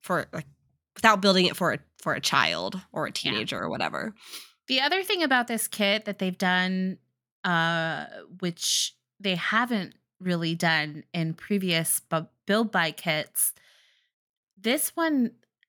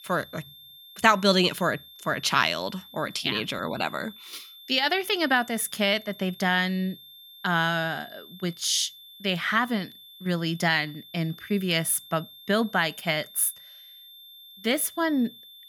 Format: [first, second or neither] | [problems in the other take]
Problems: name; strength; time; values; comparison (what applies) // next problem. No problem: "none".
first | high-pitched whine; noticeable; throughout; 3.5 kHz, 20 dB below the speech